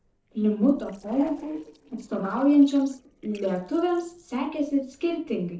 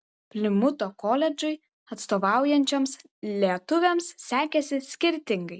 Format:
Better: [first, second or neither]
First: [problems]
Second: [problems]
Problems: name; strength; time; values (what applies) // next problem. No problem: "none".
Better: second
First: noise reduction (neural separator model SepFormer DNS4)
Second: none